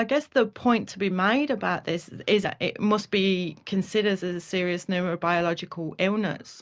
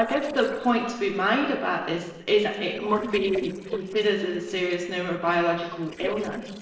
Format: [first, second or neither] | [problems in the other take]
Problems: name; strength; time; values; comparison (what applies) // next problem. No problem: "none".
first | noise reduction (neural separator model SepFormer DNS4)